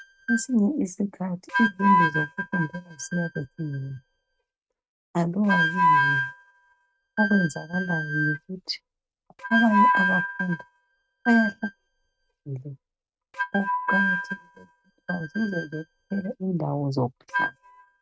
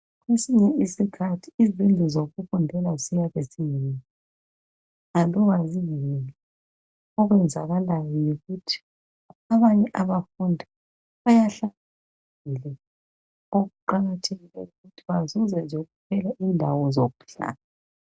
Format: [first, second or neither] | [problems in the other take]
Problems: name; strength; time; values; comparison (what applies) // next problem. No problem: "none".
second | noise reduction (neural mask model RNNoise)